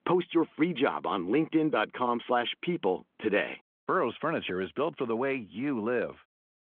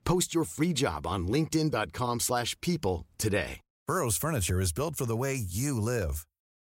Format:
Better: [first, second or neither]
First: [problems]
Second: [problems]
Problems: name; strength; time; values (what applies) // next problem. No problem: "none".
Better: second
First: phone-call audio; nothing above 3.5 kHz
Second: none